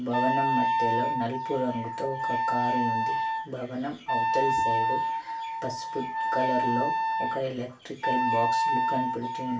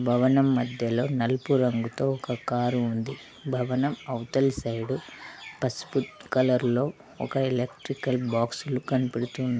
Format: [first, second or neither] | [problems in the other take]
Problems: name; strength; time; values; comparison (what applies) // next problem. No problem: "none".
second | background sound (Wind instrument, woodwind instrument); 4 dB above the speech // room echo; dies away in 0.3 s